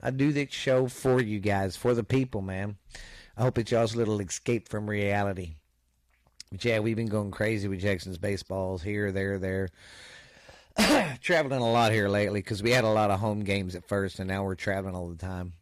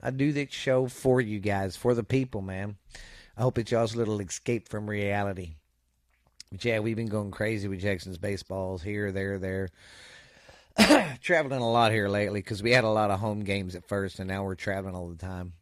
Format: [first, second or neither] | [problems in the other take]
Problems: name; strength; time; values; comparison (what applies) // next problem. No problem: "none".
second | distortion; slight; 3% of the sound clipped